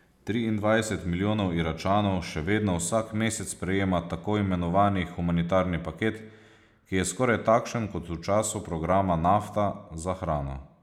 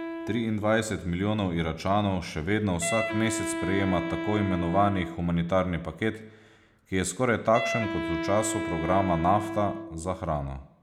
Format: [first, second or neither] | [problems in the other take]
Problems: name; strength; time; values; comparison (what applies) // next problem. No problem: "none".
first | background sound (Wind instrument, woodwind instrument); 7 dB below the speech